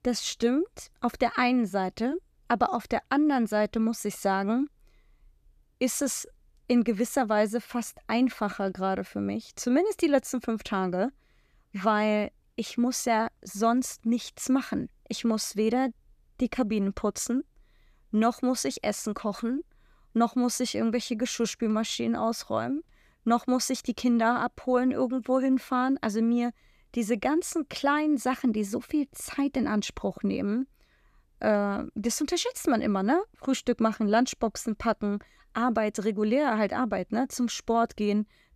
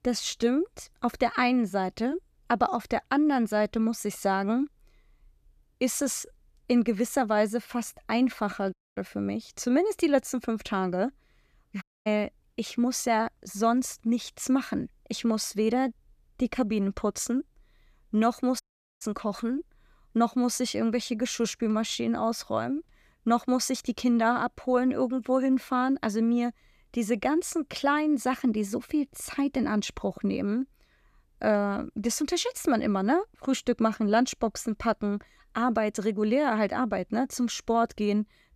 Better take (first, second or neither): first